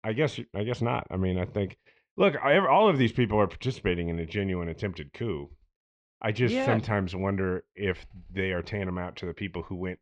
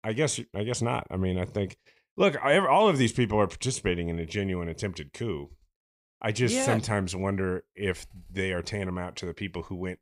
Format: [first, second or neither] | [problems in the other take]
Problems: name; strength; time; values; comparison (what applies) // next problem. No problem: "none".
second | muffled; slightly; fading above 3.5 kHz